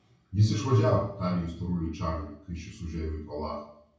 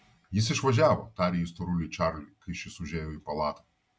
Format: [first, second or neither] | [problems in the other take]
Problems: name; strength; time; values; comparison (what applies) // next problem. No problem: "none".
second | room echo; dies away in 0.6 s